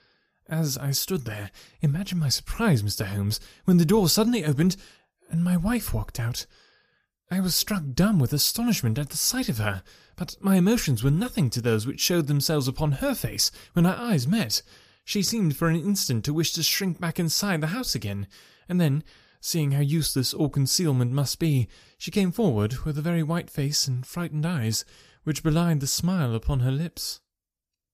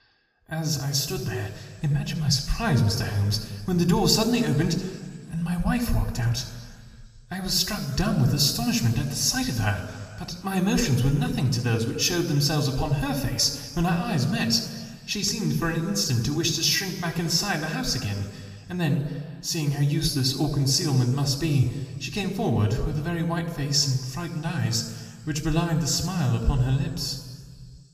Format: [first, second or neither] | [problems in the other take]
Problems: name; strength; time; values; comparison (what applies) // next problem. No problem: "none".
first | room echo; slight; dies away in 2.1 s // off-mic speech; somewhat distant